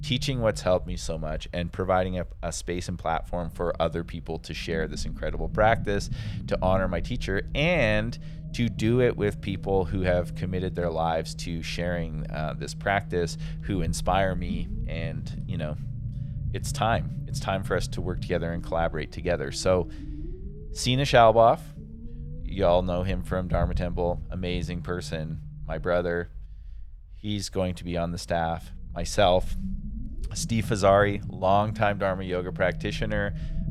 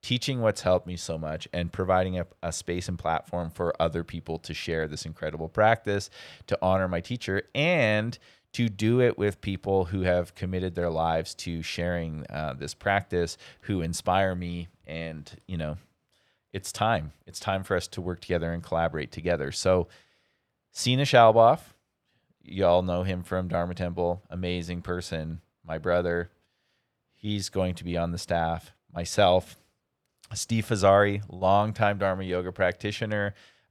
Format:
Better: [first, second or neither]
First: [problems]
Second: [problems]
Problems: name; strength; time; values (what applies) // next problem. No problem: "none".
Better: second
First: low rumble; faint; throughout; 20 dB below the speech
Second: none